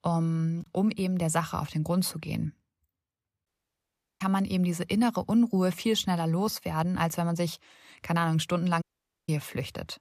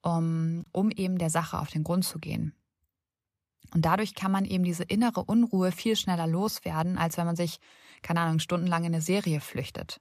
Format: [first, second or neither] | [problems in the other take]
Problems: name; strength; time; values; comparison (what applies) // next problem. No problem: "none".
second | audio cutting out; at 3.5 s for 0.5 s and at 9 s